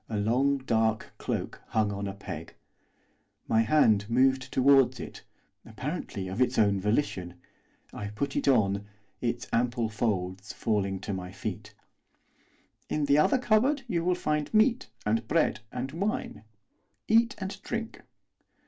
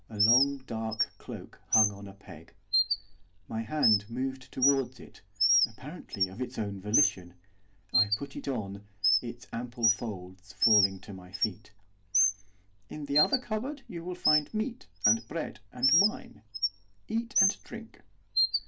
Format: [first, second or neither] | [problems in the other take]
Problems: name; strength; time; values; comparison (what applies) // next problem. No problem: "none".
first | background sound (Bird); 3 dB above the speech